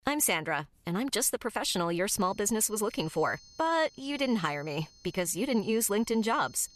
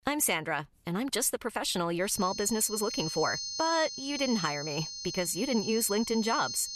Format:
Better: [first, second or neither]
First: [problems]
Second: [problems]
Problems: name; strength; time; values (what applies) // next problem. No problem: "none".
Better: first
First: high-pitched whine; faint; from 2 s on; 4.5 kHz, 25 dB below the speech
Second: high-pitched whine; loud; from 2 s on; 4.5 kHz, 6 dB below the speech